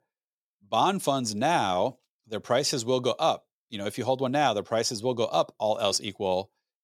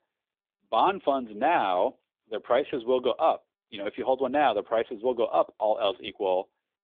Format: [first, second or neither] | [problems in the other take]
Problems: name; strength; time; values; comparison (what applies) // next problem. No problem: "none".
first | phone-call audio; nothing above 3.5 kHz